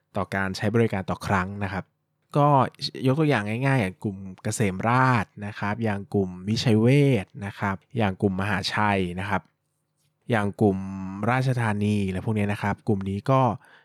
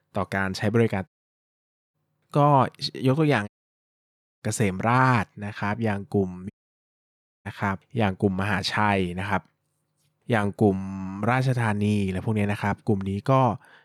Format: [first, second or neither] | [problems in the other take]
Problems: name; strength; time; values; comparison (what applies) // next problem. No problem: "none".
first | audio cutting out; at 1 s for 1 s, at 3.5 s for 1 s and at 6.5 s for 1 s